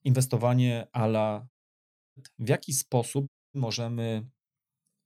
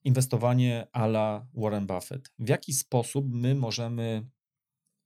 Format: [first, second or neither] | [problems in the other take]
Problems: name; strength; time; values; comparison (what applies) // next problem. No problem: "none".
second | audio cutting out; at 1.5 s for 0.5 s and at 3.5 s